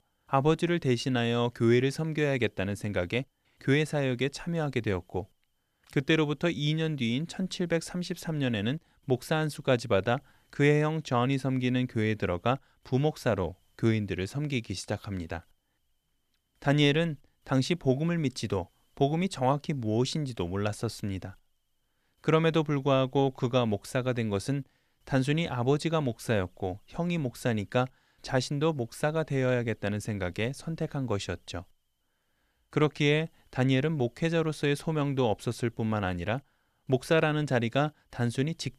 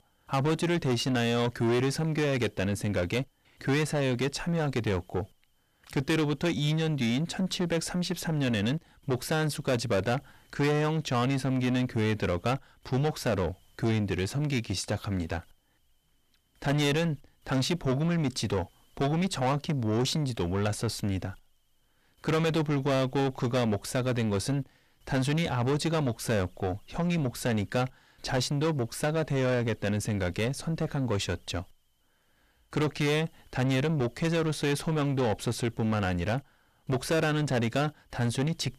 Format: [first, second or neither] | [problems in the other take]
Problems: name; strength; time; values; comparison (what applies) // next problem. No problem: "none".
first | distortion; heavy; 8 dB below the speech